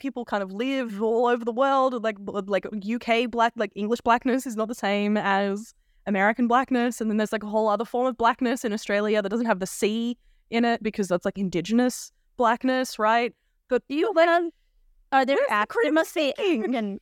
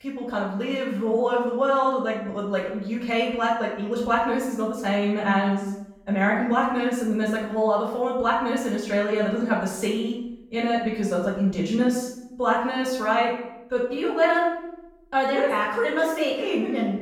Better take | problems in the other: first | off-mic speech; far // room echo; noticeable; dies away in 0.7 s

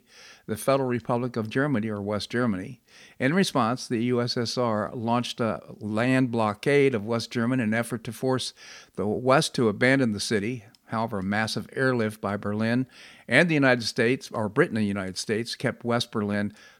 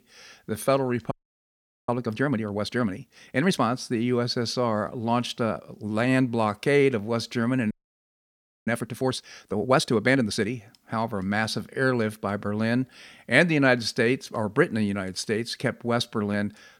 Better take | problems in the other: first | audio freezing; at 1 s for 1 s and at 7.5 s for 1 s

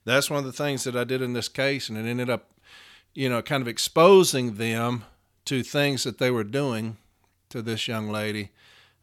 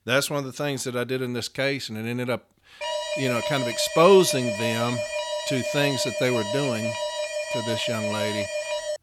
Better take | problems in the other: first | alarm; noticeable; from 3 s on; peak 3 dB below the speech

